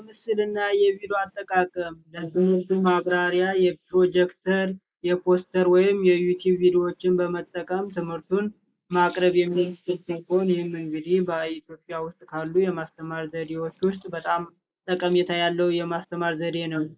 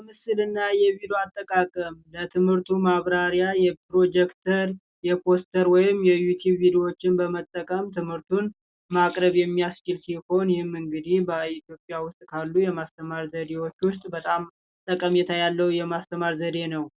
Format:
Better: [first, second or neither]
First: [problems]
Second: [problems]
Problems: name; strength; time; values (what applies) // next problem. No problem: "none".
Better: second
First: noise reduction (neural mask model Resemble Enhance denoiser)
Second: none